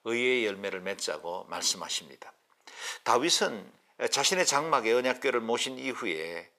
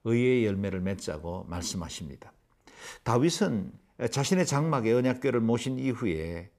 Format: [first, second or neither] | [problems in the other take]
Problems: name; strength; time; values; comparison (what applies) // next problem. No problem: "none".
second | thin; very; fading below 600 Hz